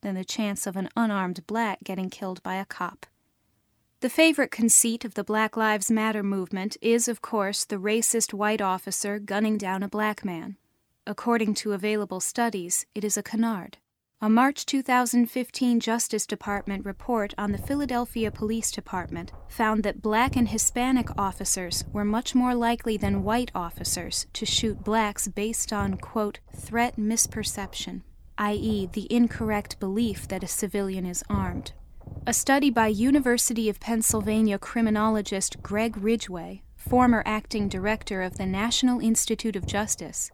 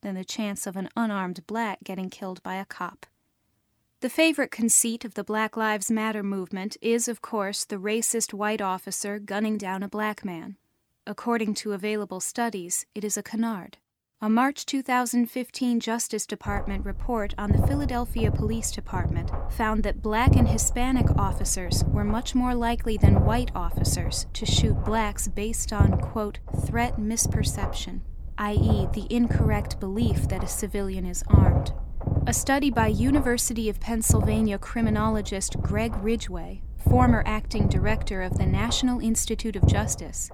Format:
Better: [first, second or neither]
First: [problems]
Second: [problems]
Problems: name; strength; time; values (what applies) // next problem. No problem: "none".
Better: first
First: low rumble; faint; from 16 s on; 25 dB below the speech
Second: low rumble; loud; from 16 s on; 8 dB below the speech